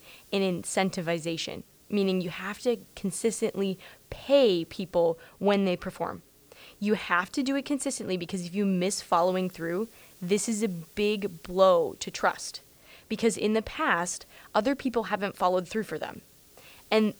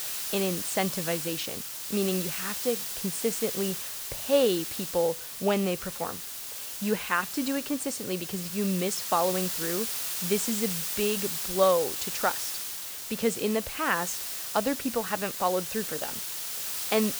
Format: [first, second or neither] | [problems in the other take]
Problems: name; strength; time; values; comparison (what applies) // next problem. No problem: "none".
first | hiss; loud; throughout; 2 dB below the speech; faint in the first